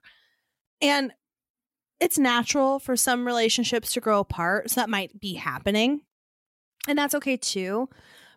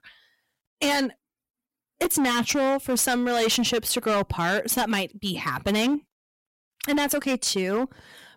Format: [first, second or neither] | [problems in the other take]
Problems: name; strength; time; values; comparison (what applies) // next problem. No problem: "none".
first | distortion; heavy; 13% of the sound clipped